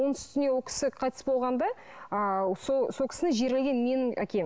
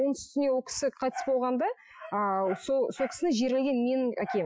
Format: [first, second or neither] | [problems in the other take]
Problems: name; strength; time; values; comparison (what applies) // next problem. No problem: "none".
first | noise reduction (classical method Wiener filter)